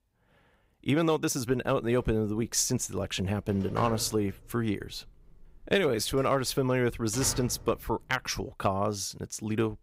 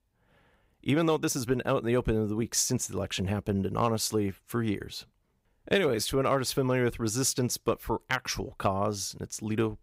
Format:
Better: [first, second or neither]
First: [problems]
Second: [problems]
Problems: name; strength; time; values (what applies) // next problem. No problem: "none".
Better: second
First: phone ringing; noticeable; from 1.5 to 8.5 s; peak 9 dB below the speech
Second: none